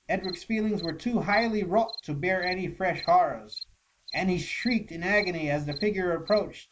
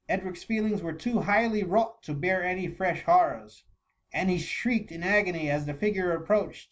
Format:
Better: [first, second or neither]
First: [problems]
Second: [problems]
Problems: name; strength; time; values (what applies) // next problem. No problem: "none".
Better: second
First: background sound (Cricket); 17 dB below the speech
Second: none